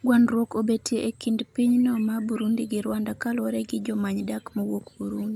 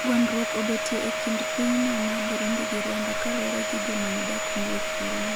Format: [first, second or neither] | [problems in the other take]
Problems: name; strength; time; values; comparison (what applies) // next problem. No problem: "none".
first | background sound (Domestic sounds, home sounds); 1 dB above the speech